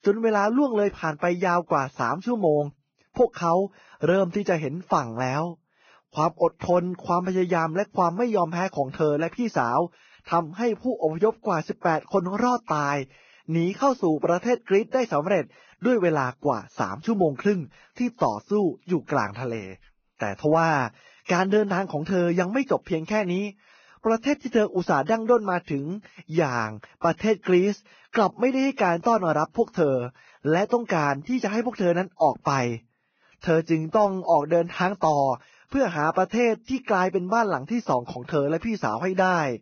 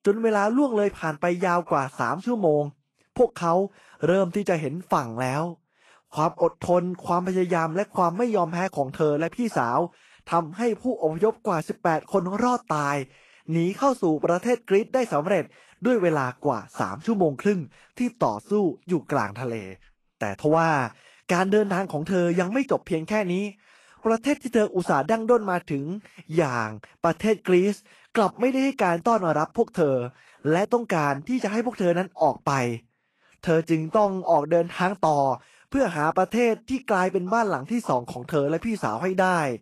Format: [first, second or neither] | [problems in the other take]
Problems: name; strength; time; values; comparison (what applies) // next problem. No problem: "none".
second | garbled, watery; badly; nothing above 6.5 kHz; slightly in the second